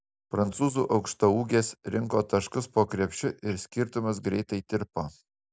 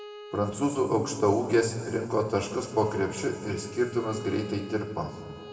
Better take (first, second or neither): first